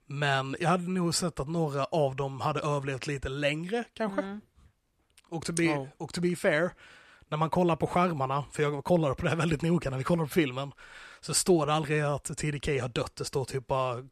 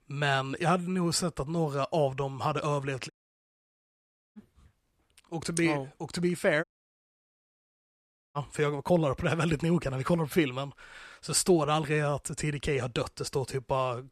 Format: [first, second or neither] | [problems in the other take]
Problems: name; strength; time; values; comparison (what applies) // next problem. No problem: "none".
first | audio cutting out; at 3 s for 1 s and at 6.5 s for 1.5 s